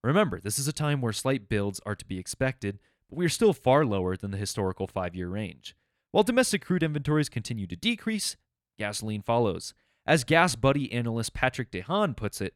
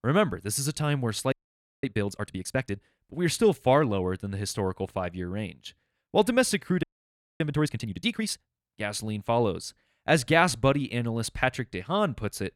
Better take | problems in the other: first | audio freezing; at 1.5 s for 0.5 s and at 7 s for 0.5 s

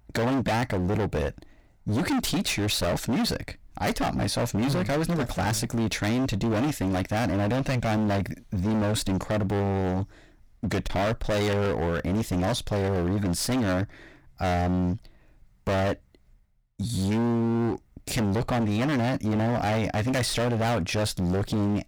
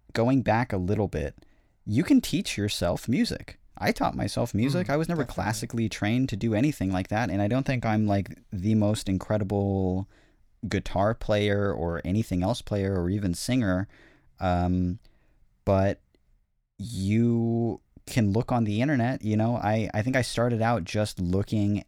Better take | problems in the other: second | distortion; heavy; 33% of the sound clipped

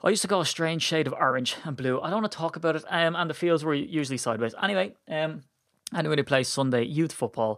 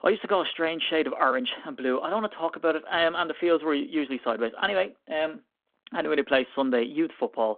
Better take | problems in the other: first | phone-call audio; nothing above 3.5 kHz

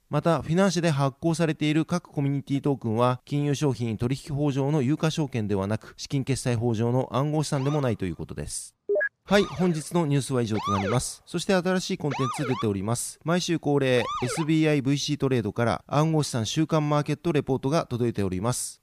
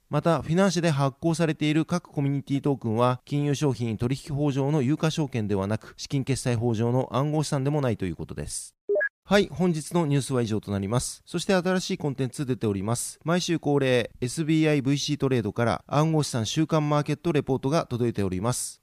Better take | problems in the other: second | siren; noticeable; from 7.5 to 14 s; peak 3 dB below the speech

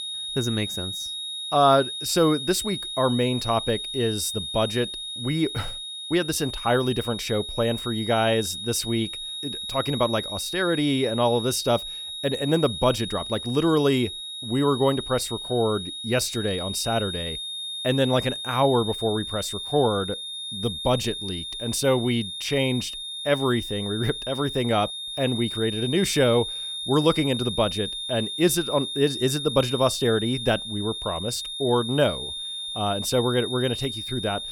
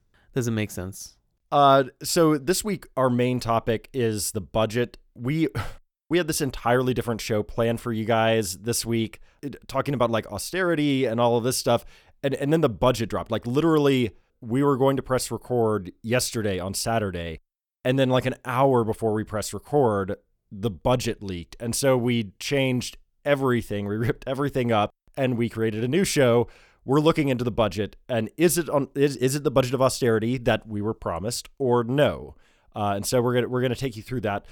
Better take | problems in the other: second | high-pitched whine; loud; throughout; 3.5 kHz, 6 dB below the speech

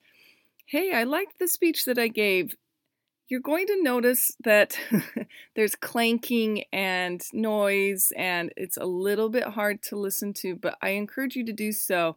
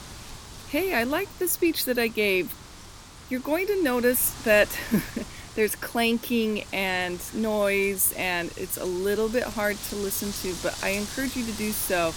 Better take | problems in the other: first | wind noise on the microphone; occasional gusts; 15 dB below the speech

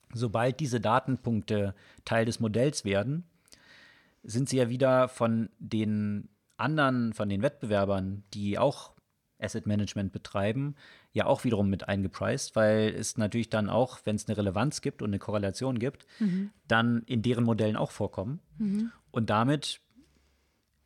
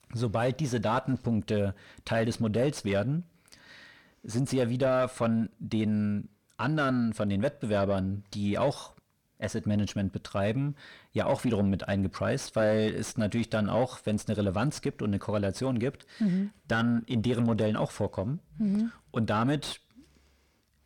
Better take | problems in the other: first | distortion; slight; 10 dB below the speech

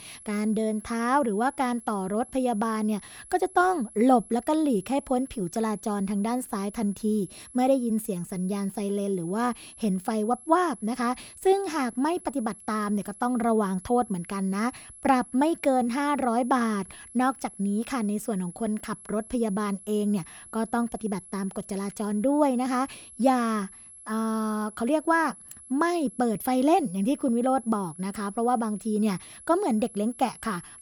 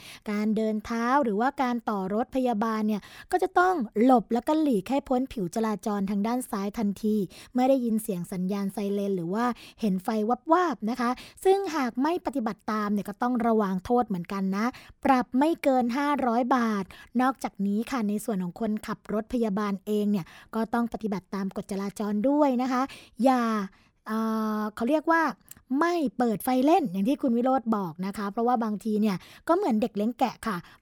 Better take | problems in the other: second | high-pitched whine; noticeable; throughout; 11 kHz, 20 dB below the speech

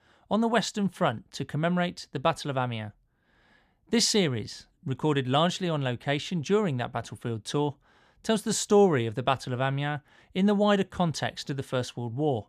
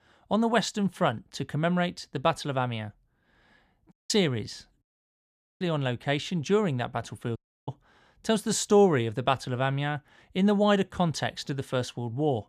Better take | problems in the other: first | audio cutting out; at 4 s, at 5 s for 1 s and at 7.5 s

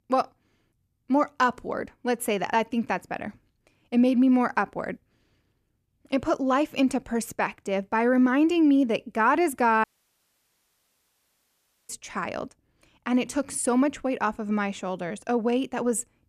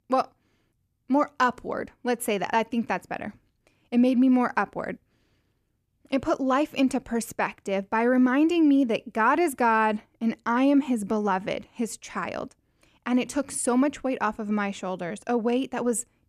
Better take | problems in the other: second | audio cutting out; at 10 s for 2 s

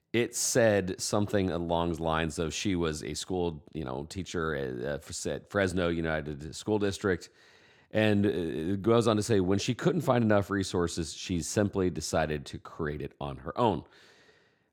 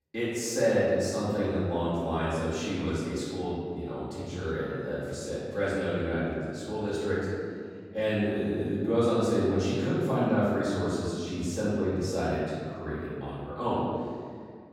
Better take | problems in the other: first | off-mic speech; far // room echo; strong; dies away in 2 s

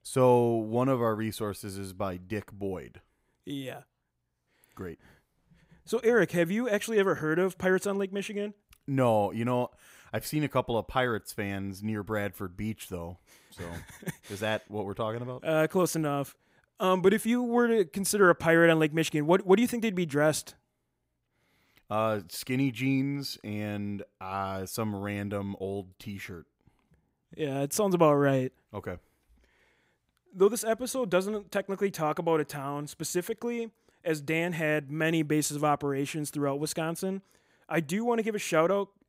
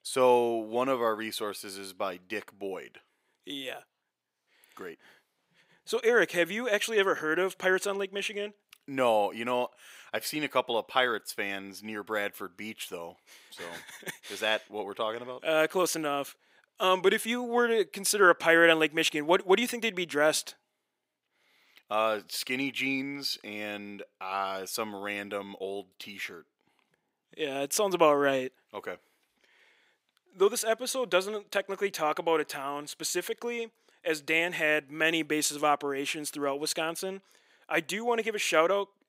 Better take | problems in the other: first | thin; somewhat; fading below 350 Hz

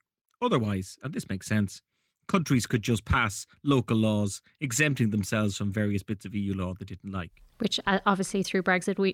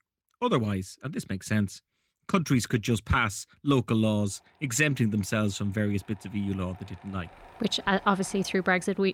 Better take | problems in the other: first | machinery noise; faint; throughout; 25 dB below the speech

